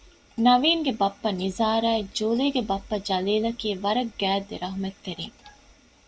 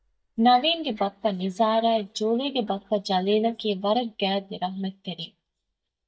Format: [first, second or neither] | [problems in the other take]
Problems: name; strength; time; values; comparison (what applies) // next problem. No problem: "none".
first | noise reduction (neural mask model DeepFilterNet 3)